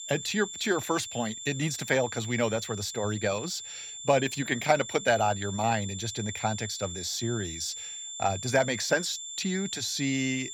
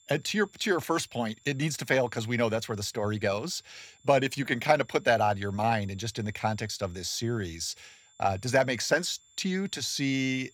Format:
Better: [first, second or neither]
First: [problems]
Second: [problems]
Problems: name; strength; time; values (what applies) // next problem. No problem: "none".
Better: second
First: high-pitched whine; loud; throughout; 7.5 kHz, 8 dB below the speech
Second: high-pitched whine; faint; throughout; 7.5 kHz, 30 dB below the speech